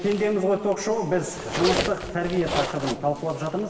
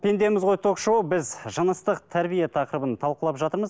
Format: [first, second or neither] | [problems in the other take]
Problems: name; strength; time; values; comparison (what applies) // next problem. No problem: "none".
second | background sound (Zipper (clothing)); 7 dB below the speech // room echo; dies away in 1.9 s